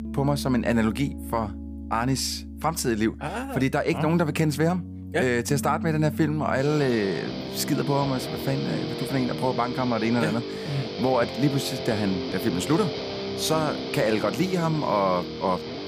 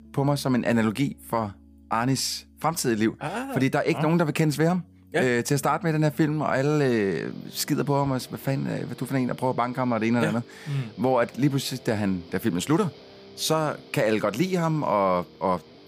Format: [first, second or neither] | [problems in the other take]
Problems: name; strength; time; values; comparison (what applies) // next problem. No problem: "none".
second | background music; loud; throughout; 8 dB below the speech; faint in the second